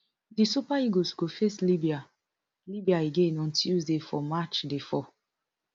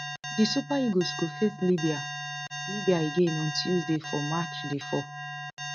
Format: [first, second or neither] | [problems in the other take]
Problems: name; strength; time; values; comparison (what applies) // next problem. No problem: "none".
first | noise reduction (neural mask model RNNoise)